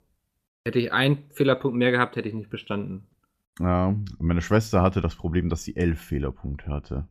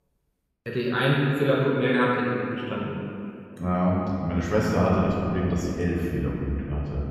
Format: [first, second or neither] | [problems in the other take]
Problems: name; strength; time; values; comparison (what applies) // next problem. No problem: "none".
first | room echo; noticeable; dies away in 2.3 s // off-mic speech; far